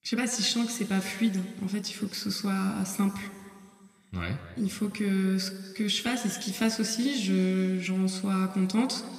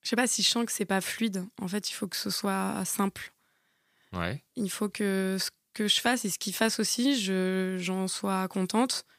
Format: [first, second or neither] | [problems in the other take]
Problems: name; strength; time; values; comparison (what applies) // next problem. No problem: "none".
second | room echo; slight; dies away in 2 s